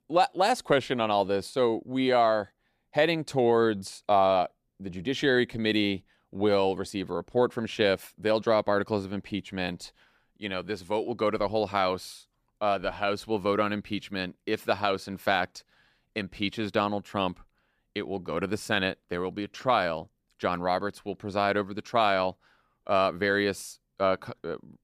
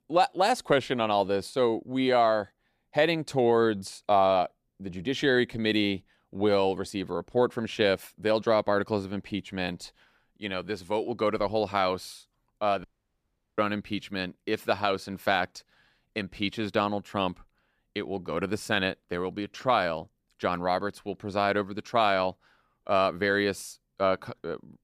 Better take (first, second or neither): first